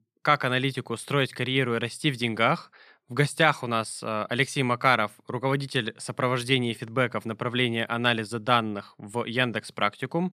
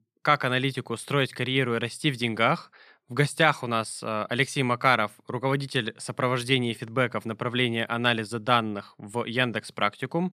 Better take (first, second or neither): neither